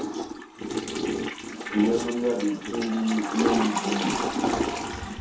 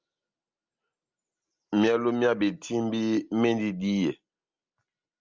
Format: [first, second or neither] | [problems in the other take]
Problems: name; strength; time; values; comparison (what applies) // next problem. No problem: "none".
second | background sound (Toilet flush / Water); as loud as the speech // room echo; dies away in 0.5 s